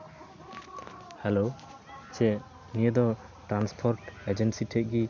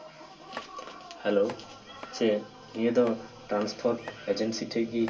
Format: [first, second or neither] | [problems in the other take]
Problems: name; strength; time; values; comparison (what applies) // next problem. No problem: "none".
first | background sound (Domestic sounds, home sounds); 20 dB below the speech // room echo; dies away in 0.2 s